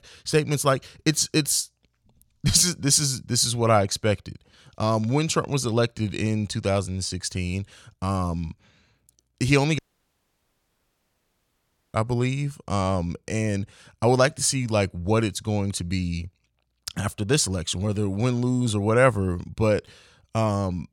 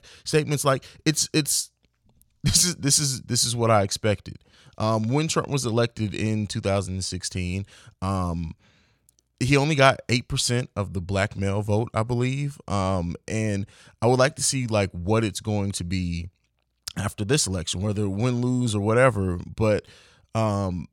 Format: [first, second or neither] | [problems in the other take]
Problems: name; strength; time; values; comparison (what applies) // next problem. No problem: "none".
second | audio cutting out; at 10 s for 2 s